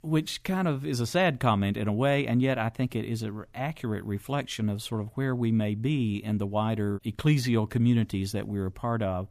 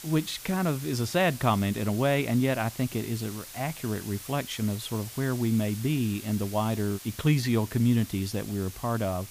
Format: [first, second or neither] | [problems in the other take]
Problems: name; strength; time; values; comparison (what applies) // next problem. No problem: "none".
first | hiss; noticeable; throughout; 15 dB below the speech